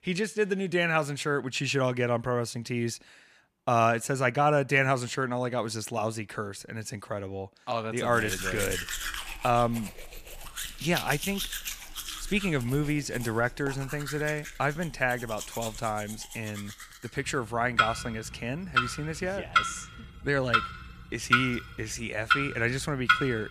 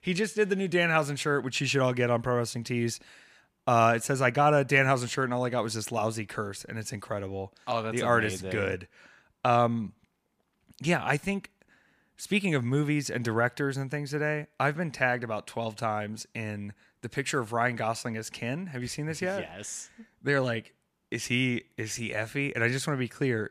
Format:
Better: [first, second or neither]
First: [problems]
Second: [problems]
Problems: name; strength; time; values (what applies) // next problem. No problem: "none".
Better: second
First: household noises; loud; from 8 s on; 2 dB below the speech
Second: none